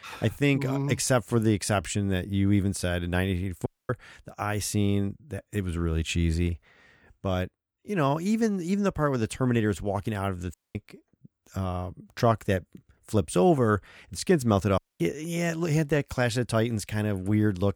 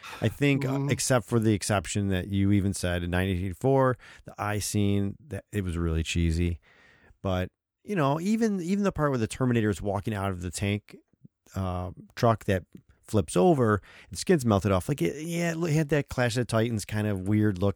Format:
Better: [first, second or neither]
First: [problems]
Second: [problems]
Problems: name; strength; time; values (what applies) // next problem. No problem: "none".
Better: second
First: audio cutting out; at 3.5 s, at 11 s and at 15 s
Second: none